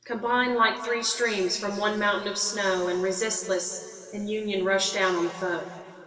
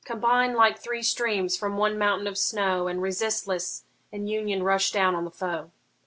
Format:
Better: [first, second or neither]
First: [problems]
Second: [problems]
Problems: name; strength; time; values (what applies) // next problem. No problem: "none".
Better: second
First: room echo; dies away in 2.5 s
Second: none